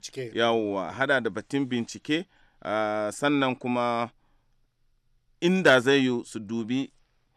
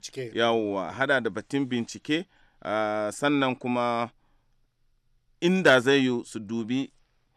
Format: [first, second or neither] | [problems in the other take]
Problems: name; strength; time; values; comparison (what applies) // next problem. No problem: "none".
neither | none